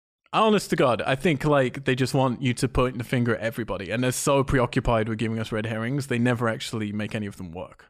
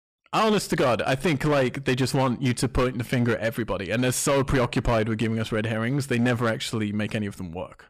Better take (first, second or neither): first